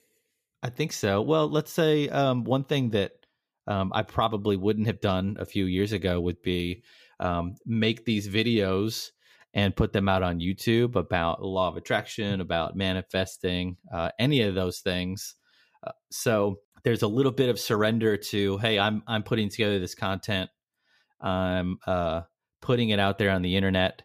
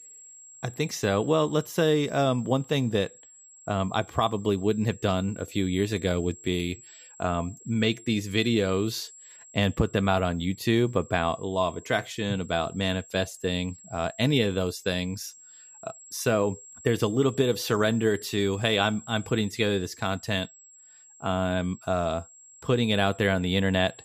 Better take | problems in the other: first | high-pitched whine; faint; throughout; 7.5 kHz, 20 dB below the speech

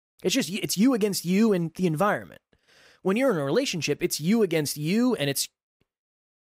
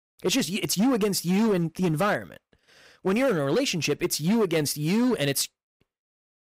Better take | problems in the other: first | distortion; slight; 10% of the sound clipped

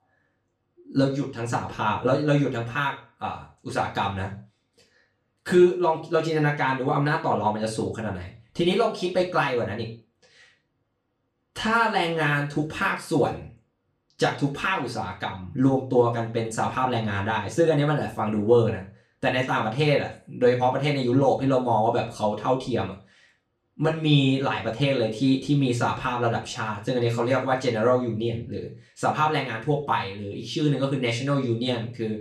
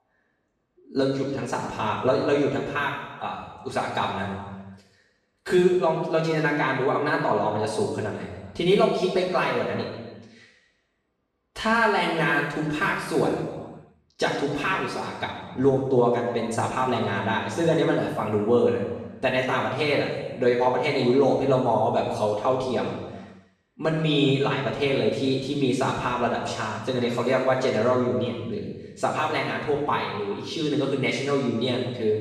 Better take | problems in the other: first | room echo; strong; dies away in 1.2 s; slight in the first // off-mic speech; far; far in the first

